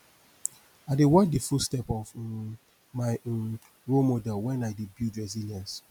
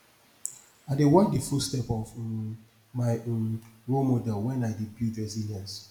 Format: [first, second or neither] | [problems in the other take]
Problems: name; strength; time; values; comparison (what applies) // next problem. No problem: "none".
first | room echo; dies away in 0.6 s